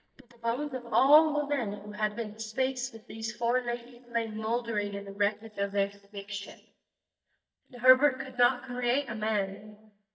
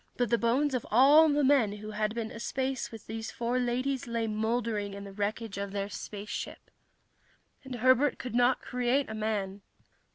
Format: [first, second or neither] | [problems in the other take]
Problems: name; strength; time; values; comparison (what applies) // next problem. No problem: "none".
second | noise reduction (neural mask model DeepFilterNet 3)